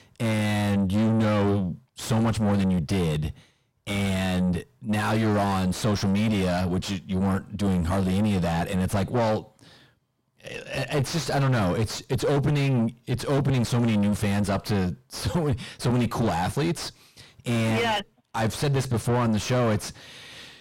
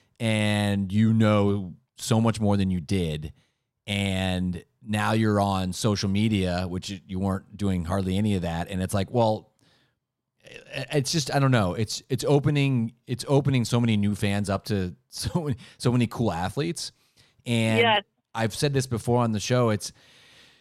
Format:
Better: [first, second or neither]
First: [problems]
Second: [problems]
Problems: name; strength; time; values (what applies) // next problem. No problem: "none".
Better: second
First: distortion; heavy; 4 dB below the speech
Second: none